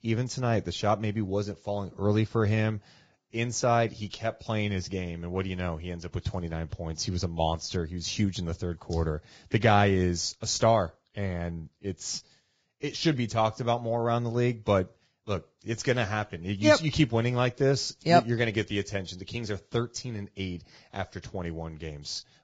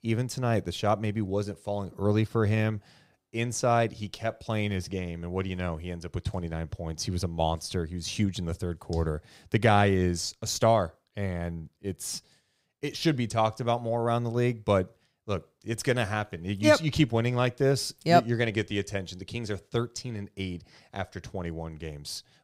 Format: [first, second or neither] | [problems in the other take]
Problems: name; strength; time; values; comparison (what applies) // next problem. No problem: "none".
second | garbled, watery; badly; nothing above 7.5 kHz